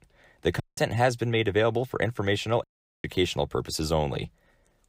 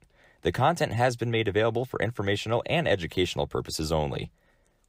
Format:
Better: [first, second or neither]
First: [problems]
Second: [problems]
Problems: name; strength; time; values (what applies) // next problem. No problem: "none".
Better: second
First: audio cutting out; at 0.5 s and at 2.5 s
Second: none